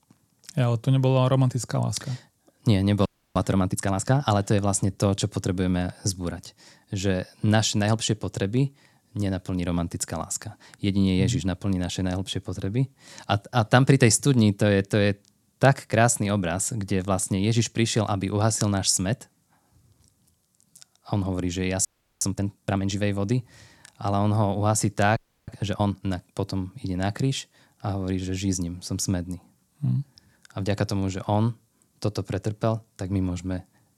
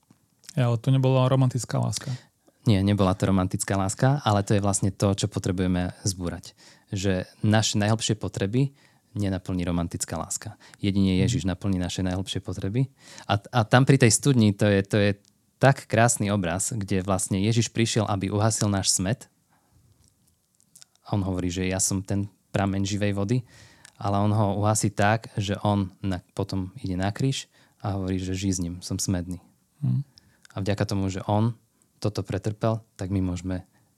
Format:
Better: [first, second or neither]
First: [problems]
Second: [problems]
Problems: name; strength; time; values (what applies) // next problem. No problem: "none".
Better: second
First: audio freezing; at 3 s, at 22 s and at 25 s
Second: none